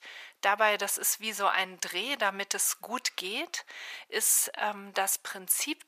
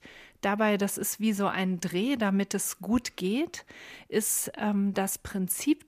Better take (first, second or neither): second